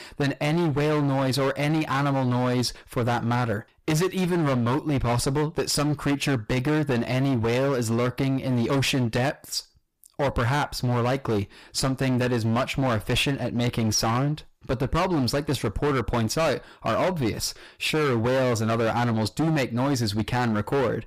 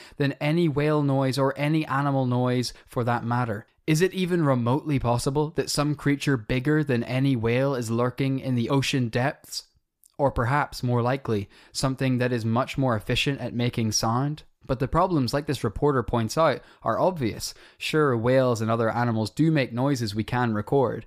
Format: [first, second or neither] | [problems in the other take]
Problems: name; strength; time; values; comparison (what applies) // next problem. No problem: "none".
second | distortion; heavy; 24% of the sound clipped